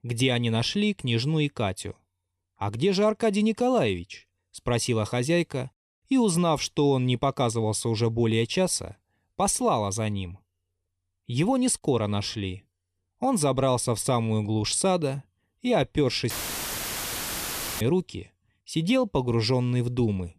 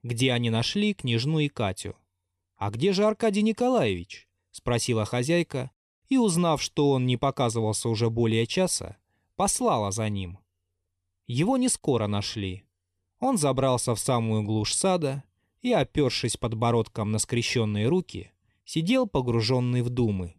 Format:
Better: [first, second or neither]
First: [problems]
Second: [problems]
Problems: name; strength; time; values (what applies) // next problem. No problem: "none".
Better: second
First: audio cutting out; filled with static; at 16 s for 1.5 s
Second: none